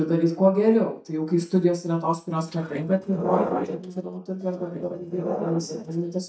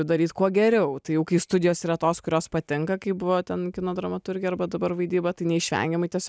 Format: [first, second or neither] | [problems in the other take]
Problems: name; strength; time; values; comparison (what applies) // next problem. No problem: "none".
second | noise reduction (neural mask model DeepFilterNet 3)